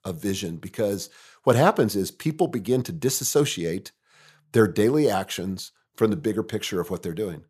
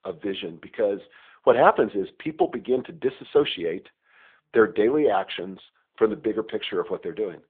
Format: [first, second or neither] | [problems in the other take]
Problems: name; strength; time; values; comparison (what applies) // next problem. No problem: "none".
first | phone-call audio